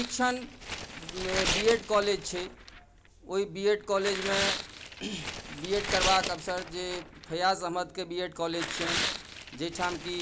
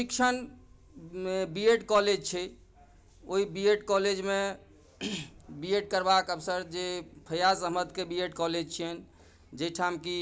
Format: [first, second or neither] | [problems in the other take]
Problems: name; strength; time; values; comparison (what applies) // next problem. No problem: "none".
second | background sound (Tearing); 5 dB below the speech